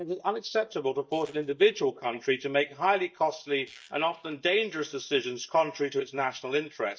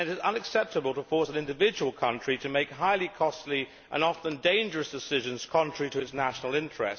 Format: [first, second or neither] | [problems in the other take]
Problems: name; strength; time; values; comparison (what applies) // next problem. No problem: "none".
second | noise reduction (neural mask model DeepFilterNet 3)